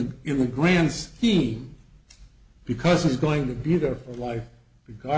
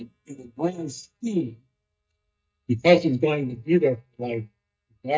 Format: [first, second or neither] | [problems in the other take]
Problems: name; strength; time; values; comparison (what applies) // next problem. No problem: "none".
first | noise reduction (neural mask model DeepFilterNet 3)